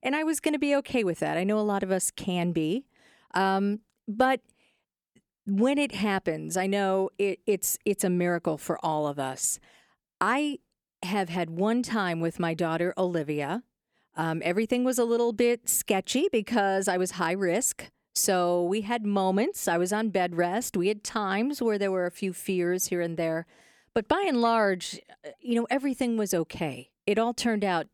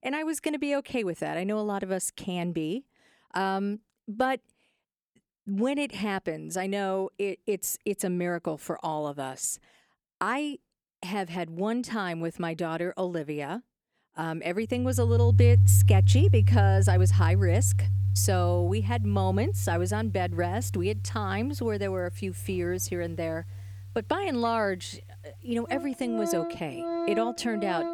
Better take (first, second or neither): first